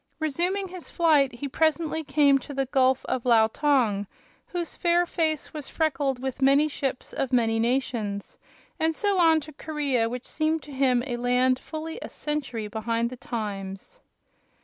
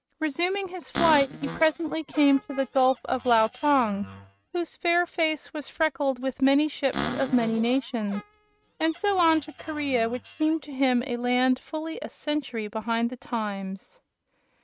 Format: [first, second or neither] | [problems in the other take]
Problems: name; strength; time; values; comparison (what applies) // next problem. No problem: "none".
first | noise reduction (neural mask model RNNoise)